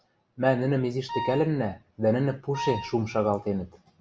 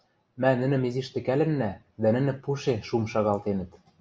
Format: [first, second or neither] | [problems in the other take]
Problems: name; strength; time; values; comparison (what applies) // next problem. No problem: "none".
second | background sound (Wind instrument, woodwind instrument); 8 dB below the speech